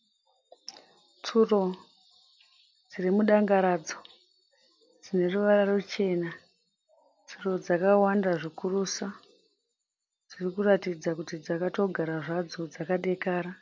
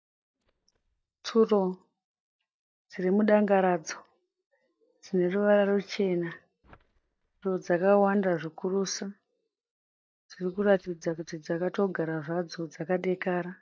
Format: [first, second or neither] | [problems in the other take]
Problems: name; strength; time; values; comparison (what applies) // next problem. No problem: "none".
first | noise reduction (neural mask model DeepFilterNet 3)